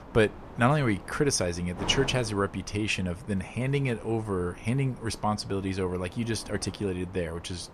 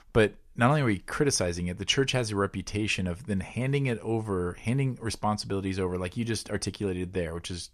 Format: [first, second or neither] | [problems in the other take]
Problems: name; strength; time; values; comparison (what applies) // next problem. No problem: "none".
second | wind noise on the microphone; occasional gusts; 15 dB below the speech